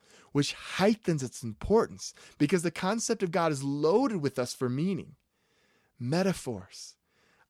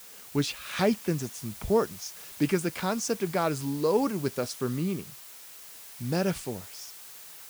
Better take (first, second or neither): first